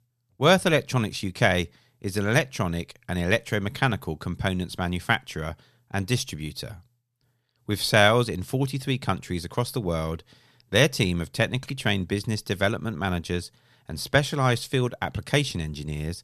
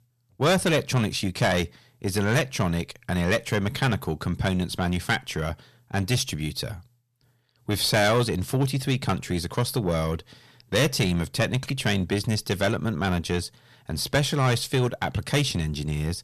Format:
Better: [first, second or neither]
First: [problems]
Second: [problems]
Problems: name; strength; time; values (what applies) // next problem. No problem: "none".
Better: first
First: none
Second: distortion; heavy; 7 dB below the speech